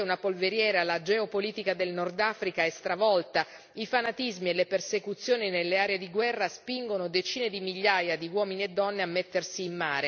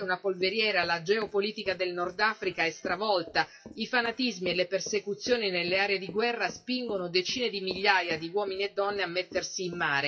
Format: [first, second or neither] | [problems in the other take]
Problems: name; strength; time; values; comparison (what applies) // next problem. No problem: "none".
first | noise reduction (classical method WPE with log-MMSE)